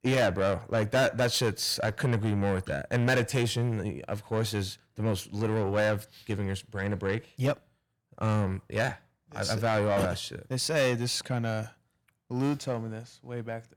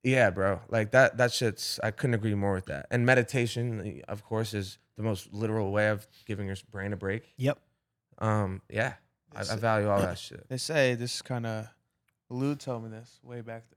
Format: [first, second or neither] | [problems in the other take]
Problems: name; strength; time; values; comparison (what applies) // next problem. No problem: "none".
second | distortion; heavy; 7 dB below the speech